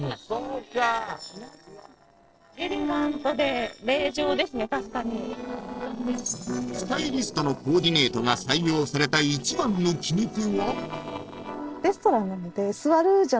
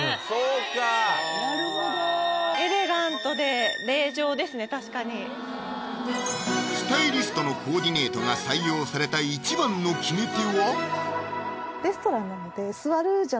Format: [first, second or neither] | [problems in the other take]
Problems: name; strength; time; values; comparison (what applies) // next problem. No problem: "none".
second | noise reduction (neural separator model SepFormer DNS4)